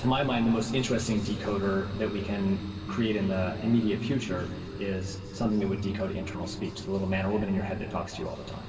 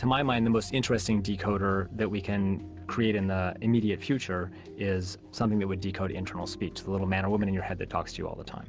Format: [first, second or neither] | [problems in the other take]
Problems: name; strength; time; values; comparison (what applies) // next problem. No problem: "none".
second | background sound (Fire); 15 dB below the speech // room echo; dies away in 2.2 s